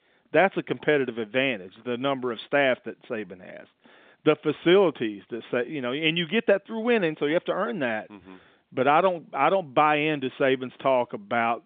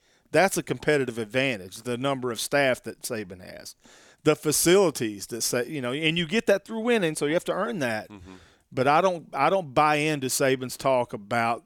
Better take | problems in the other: second | phone-call audio; nothing above 3.5 kHz

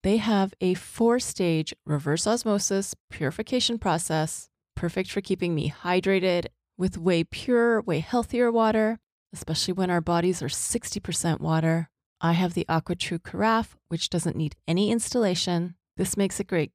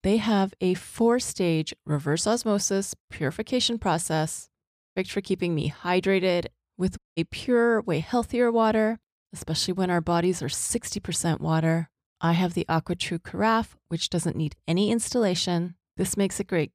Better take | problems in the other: first | audio cutting out; at 4.5 s and at 7 s

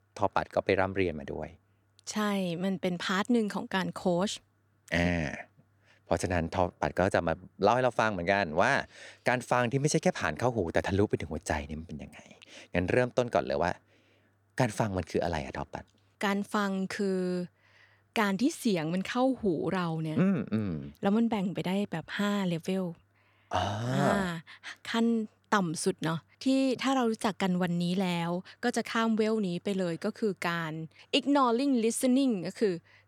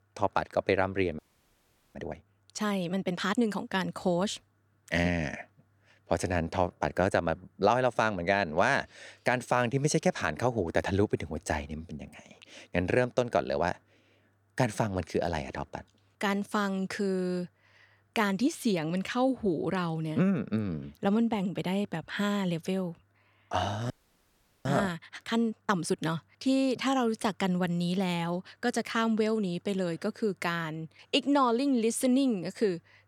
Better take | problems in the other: first | audio freezing; at 1 s for 1 s and at 24 s for 1 s

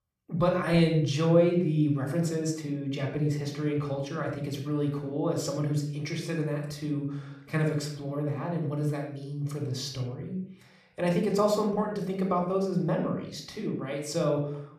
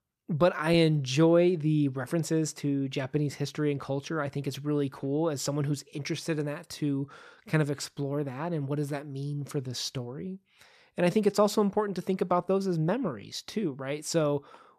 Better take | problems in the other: second | off-mic speech; somewhat distant // room echo; slight; dies away in 0.5 s

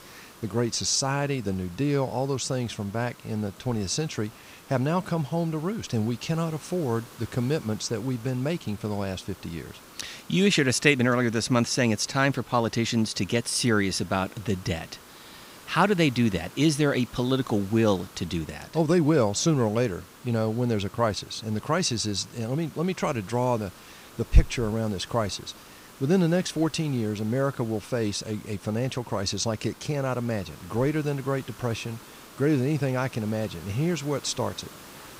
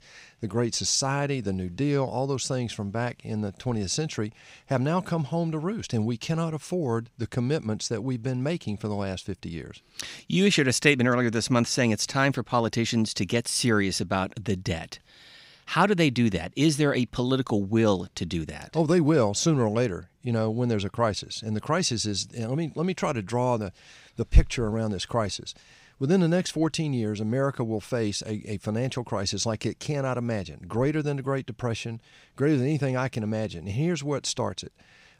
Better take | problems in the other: second | hiss; faint; throughout; 20 dB below the speech

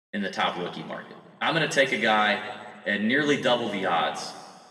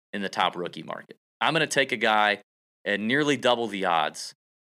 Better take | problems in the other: second | room echo; noticeable; dies away in 1.7 s // off-mic speech; far

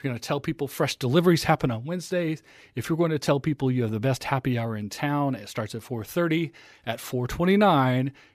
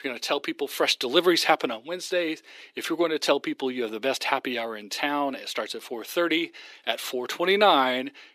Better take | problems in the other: first | thin; somewhat; fading below 300 Hz

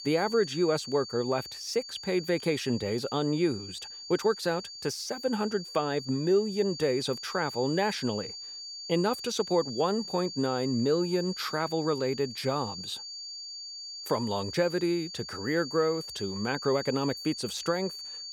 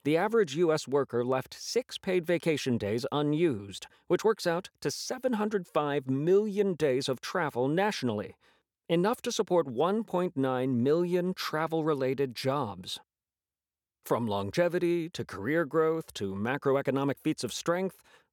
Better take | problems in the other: second | high-pitched whine; loud; throughout; 4.5 kHz, 9 dB below the speech

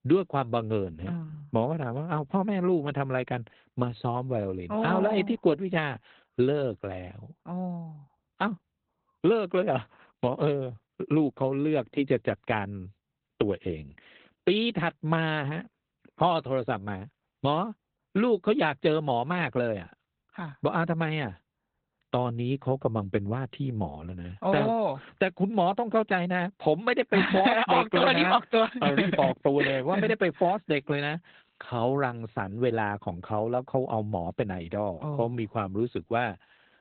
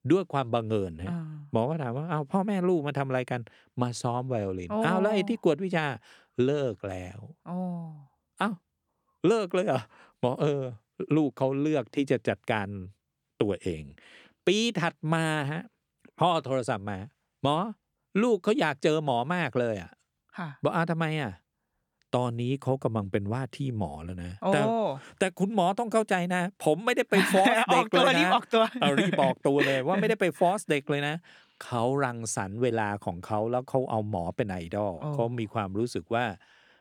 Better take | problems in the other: second | garbled, watery; badly; nothing above 4 kHz

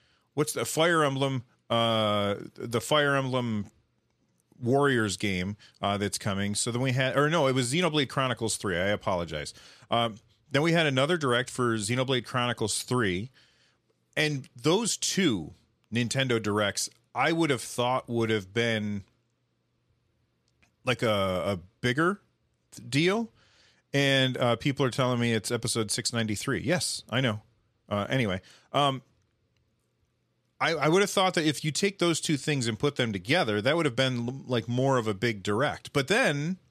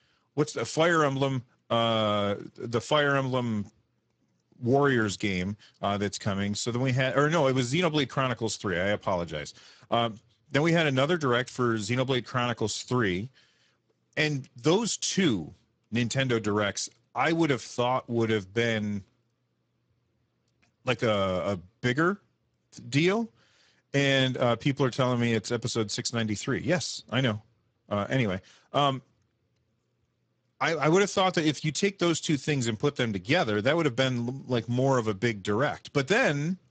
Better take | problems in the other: first | garbled, watery; badly; nothing above 8 kHz

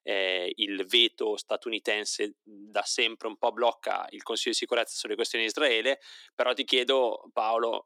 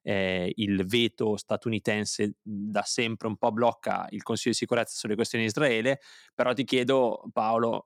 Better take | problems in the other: second | thin; somewhat; fading below 300 Hz

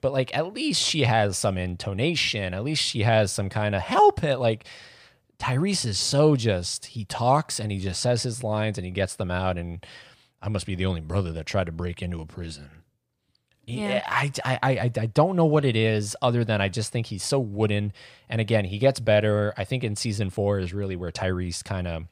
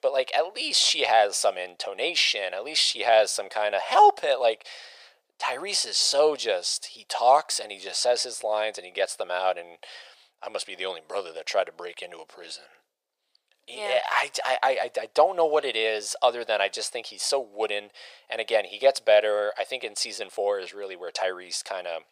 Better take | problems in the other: first | thin; very; fading below 500 Hz

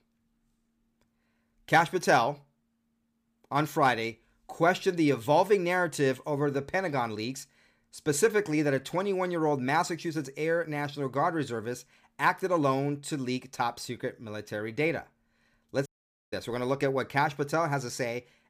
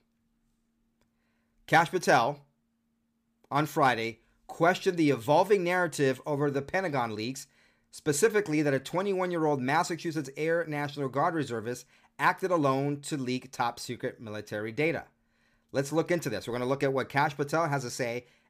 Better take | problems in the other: second | audio cutting out; at 16 s

